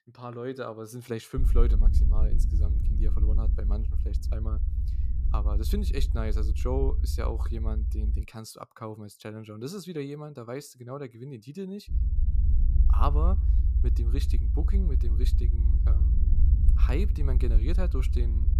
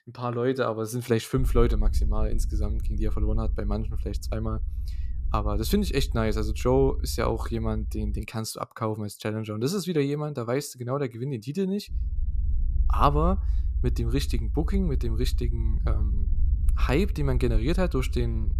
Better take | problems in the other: second | low rumble; loud; from 1.5 to 8 s and from 12 s on; 8 dB below the speech; faint in the second

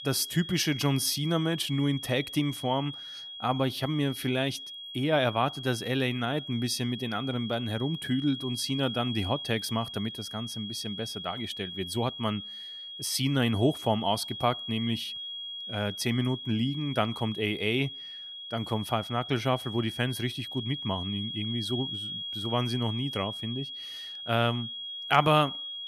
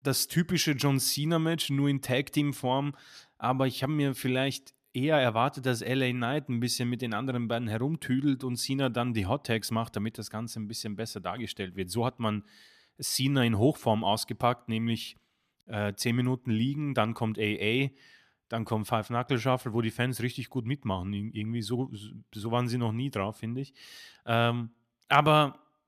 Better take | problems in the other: second | high-pitched whine; loud; throughout; 3.5 kHz, 7 dB below the speech

